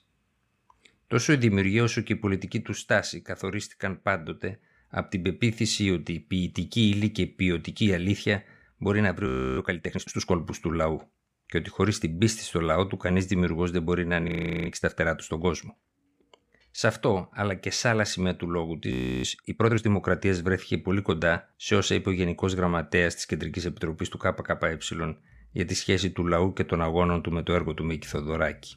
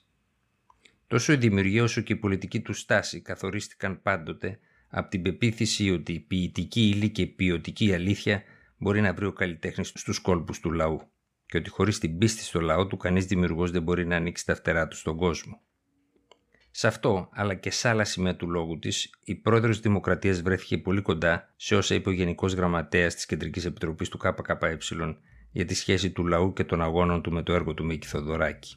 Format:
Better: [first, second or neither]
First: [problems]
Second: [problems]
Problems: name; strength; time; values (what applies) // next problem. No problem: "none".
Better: second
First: audio freezing; at 9.5 s, at 14 s and at 19 s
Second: none